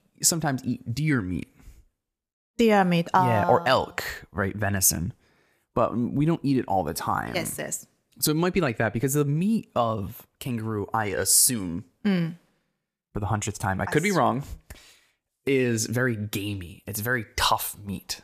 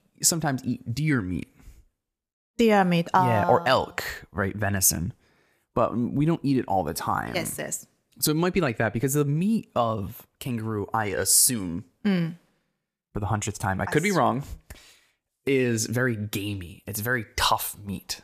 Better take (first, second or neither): neither